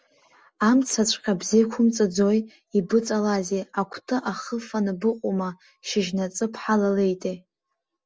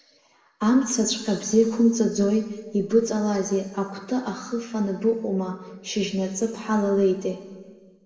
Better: first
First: none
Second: room echo; dies away in 1.5 s

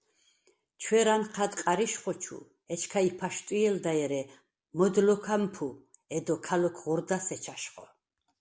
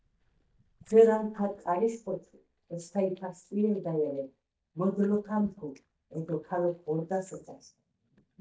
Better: first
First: none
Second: noise reduction (neural mask model DeepFilterNet 3)

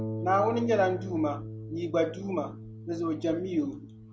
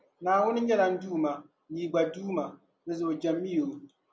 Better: second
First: background sound (Harp); 9 dB below the speech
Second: none

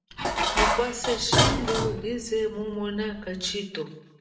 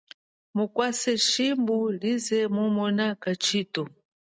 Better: second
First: background sound (Dishes, pots, and pans); 2 dB above the speech // room echo; dies away in 0.7 s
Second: none

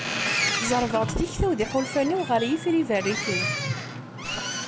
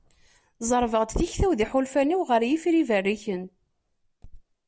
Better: second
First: background sound (Boat, Water vehicle); 3 dB below the speech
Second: none

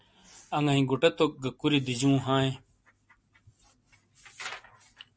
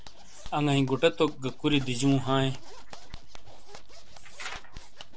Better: first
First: none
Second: background sound (Zipper (clothing)); 6 dB below the speech

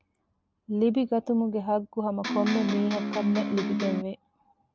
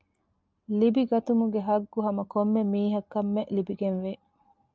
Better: second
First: background sound (Electric guitar); 1 dB below the speech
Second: none

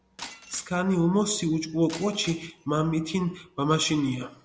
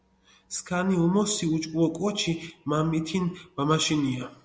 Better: second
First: background sound (Shatter); 19 dB below the speech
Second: none

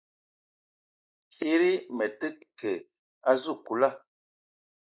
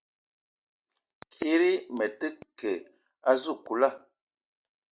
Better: second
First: noise reduction (neural mask model Resemble Enhance denoiser)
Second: none

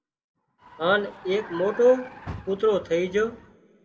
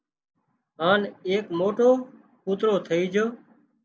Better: second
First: background sound (Vehicle); 17 dB below the speech // room echo; dies away in 1.3 s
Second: none

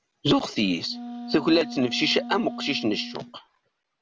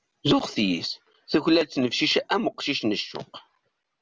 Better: second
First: background sound (Wind instrument, woodwind instrument); 11 dB below the speech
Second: none

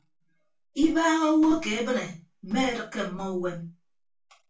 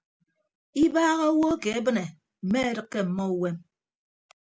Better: second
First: room echo; dies away in 0.2 s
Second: none

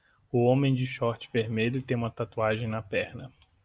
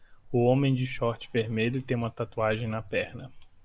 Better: first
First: none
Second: background sound (Ocean); 18 dB below the speech

